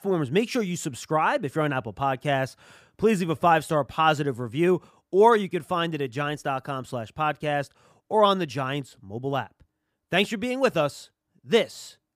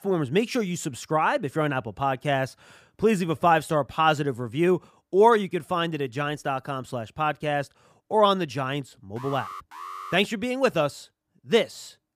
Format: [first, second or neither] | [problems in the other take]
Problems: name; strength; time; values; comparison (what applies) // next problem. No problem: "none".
first | alarm; faint; from 9 to 10 s; peak 10 dB below the speech